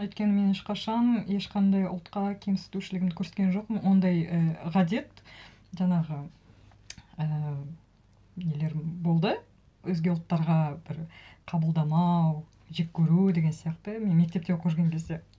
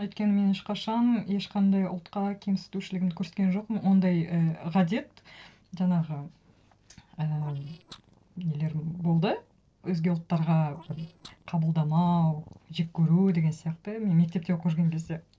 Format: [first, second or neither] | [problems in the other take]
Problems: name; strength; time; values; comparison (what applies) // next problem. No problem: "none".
first | noise reduction (neural separator model SepFormer DNS4)